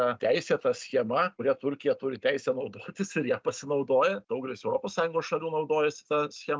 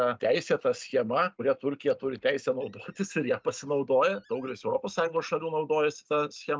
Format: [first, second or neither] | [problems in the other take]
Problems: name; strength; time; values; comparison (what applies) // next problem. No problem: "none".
first | noise reduction (neural mask model Resemble Enhance denoiser)